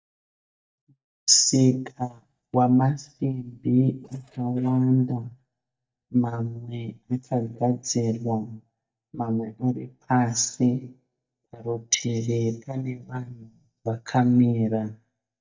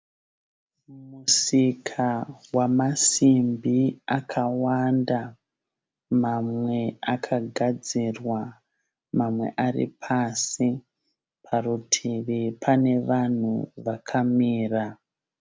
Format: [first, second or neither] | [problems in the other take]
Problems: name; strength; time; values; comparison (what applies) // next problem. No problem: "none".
second | noise reduction (neural mask model DeepFilterNet 3)